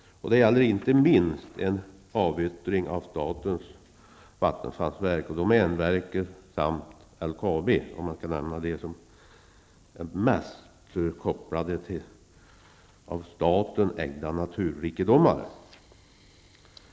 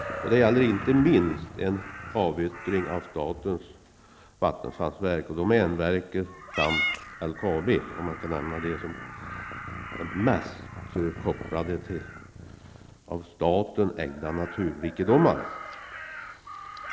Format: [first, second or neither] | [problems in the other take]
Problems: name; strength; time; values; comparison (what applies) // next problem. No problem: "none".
first | background sound (Crow + Meow / Purr); 10 dB below the speech